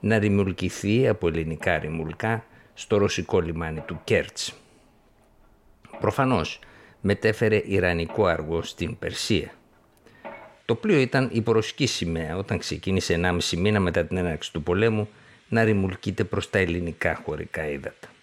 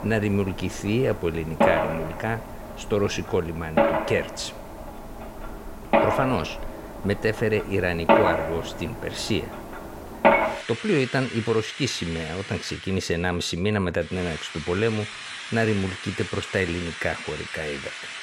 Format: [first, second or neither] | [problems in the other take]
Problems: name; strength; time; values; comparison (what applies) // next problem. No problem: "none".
first | machinery noise; loud; throughout; 2 dB below the speech; faint in the first